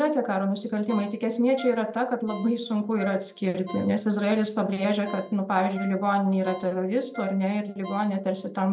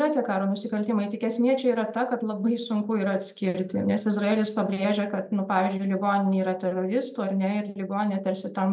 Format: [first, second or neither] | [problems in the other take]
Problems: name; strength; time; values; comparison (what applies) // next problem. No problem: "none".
second | background sound (Ringtone); 19 dB below the speech